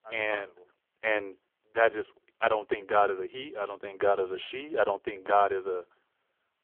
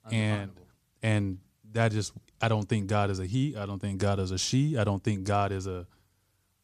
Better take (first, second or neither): second